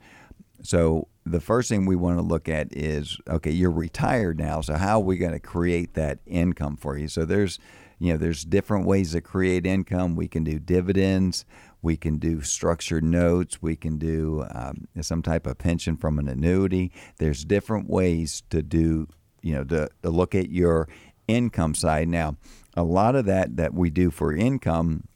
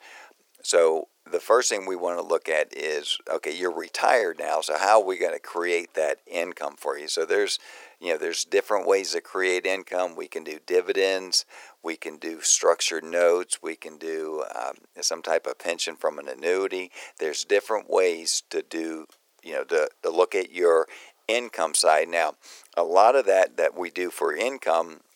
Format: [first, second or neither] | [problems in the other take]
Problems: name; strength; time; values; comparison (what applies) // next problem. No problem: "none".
first | thin; very; fading below 400 Hz